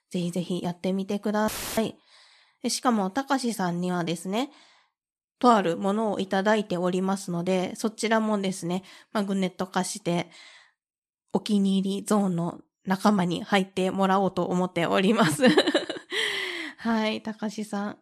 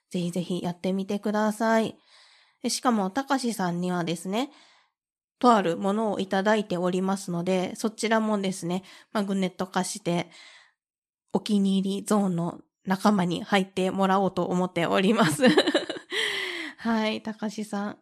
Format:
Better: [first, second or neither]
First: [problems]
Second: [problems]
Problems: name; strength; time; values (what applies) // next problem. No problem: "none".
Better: second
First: audio cutting out; filled with static; at 1.5 s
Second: none